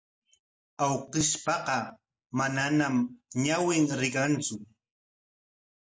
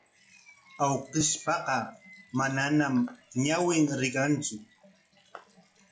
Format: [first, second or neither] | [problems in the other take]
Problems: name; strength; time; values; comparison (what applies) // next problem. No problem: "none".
first | noise reduction (classical method log-MMSE)